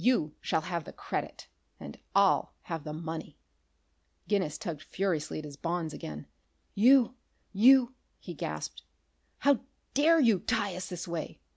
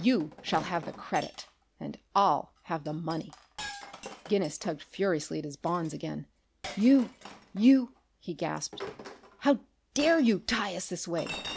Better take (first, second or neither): first